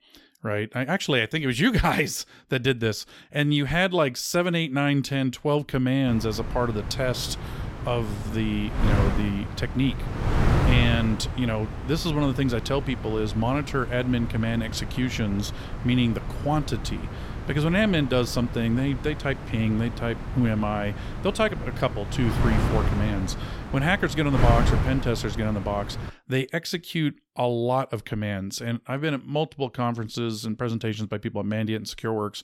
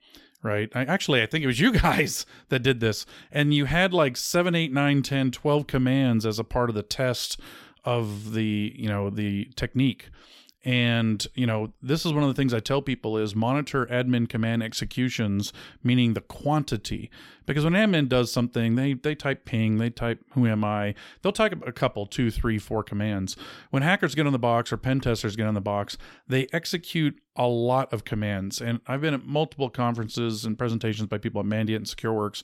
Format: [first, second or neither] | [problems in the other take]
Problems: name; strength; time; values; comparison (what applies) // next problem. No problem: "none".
second | wind noise on the microphone; heavy; from 6 to 26 s; 8 dB below the speech